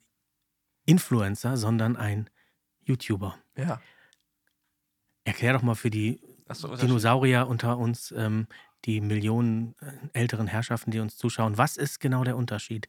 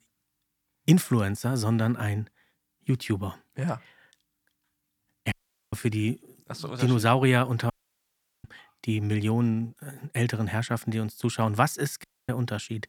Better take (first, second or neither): first